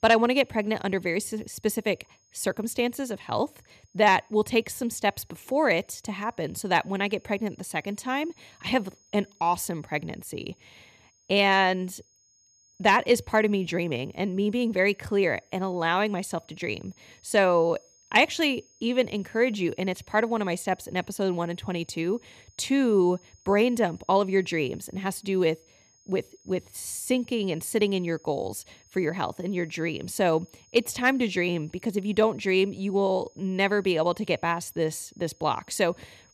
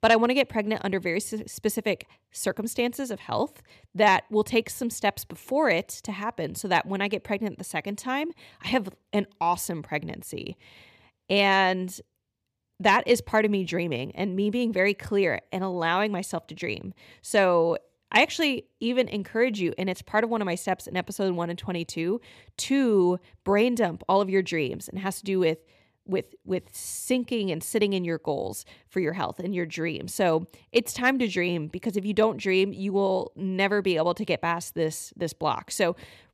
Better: second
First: high-pitched whine; faint; throughout; 6.5 kHz, 35 dB below the speech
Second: none

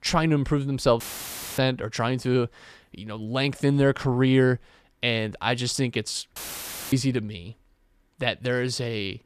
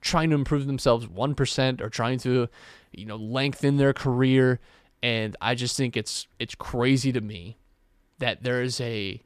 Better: second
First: audio cutting out; filled with static; at 1 s for 0.5 s and at 6.5 s for 0.5 s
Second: none

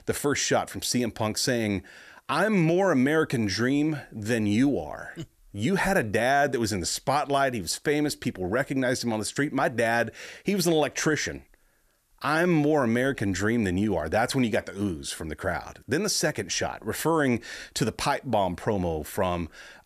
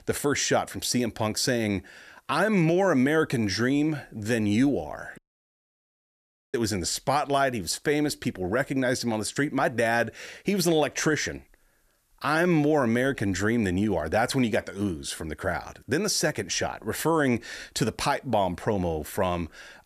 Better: first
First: none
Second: audio cutting out; at 5 s for 1.5 s

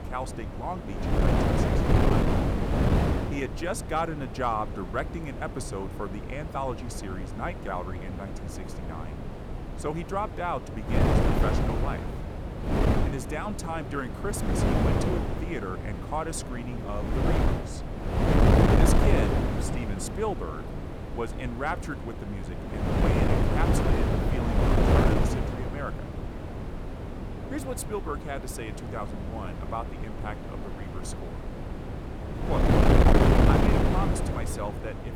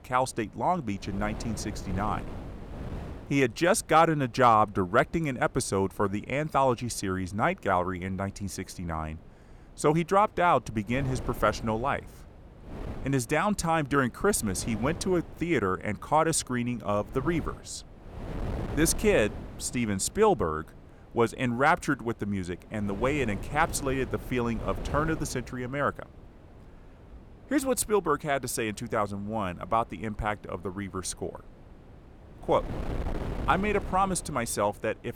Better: second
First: wind noise on the microphone; heavy; 3 dB above the speech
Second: wind noise on the microphone; occasional gusts; 20 dB below the speech

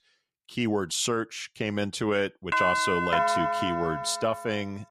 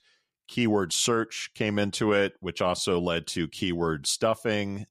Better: second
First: doorbell; loud; from 2.5 s on; peak 5 dB above the speech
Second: none

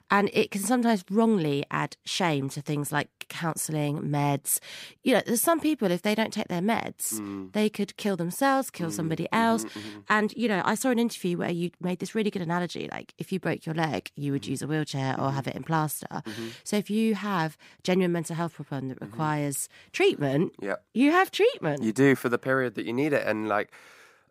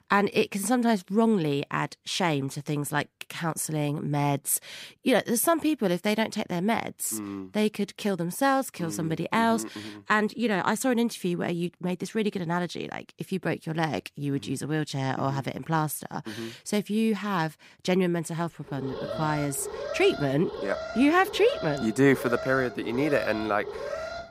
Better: first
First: none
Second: alarm; noticeable; from 19 s on; peak 7 dB below the speech

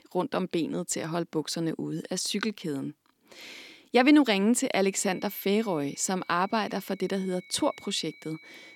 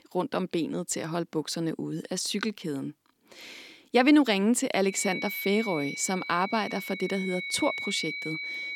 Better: first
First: high-pitched whine; faint; from 5 s on; 2 kHz, 25 dB below the speech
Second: high-pitched whine; loud; from 5 s on; 2 kHz, 6 dB below the speech

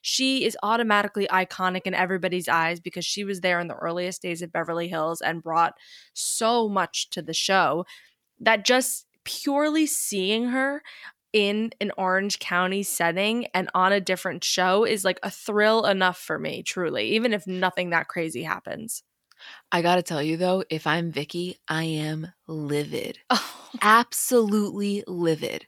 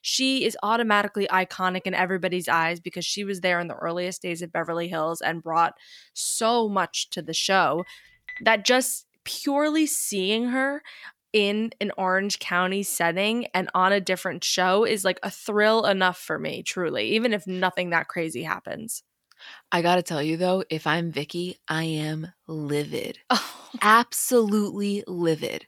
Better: first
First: none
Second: phone ringing; faint; at 8 s; peak 15 dB below the speech

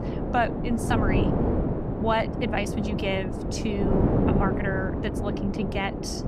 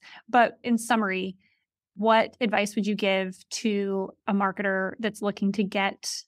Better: second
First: wind noise on the microphone; heavy; 2 dB below the speech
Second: none

